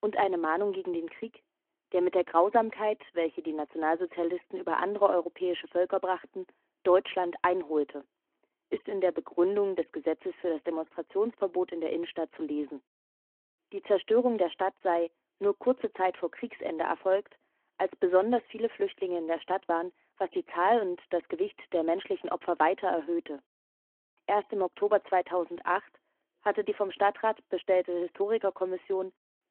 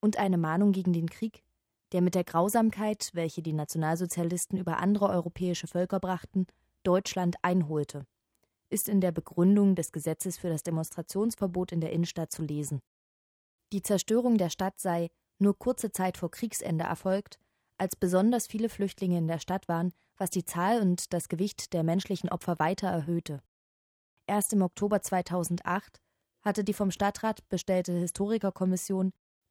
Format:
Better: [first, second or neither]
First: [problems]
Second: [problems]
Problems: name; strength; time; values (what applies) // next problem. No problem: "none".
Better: second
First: phone-call audio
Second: none